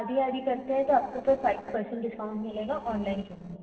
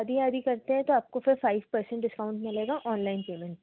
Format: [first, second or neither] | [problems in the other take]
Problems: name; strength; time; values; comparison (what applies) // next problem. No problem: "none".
second | noise reduction (neural separator model SepFormer DNS4)